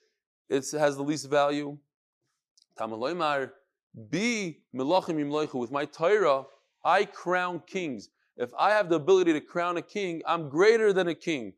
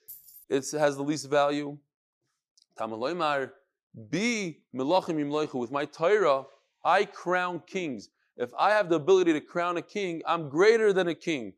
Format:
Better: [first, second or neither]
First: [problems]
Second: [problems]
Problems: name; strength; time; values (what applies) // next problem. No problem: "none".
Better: first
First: none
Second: jangling keys; faint; at the start; peak 20 dB below the speech